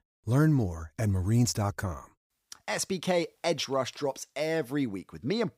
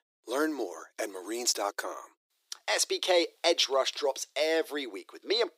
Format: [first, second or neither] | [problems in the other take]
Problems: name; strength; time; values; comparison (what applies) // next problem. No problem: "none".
first | thin; very; fading below 350 Hz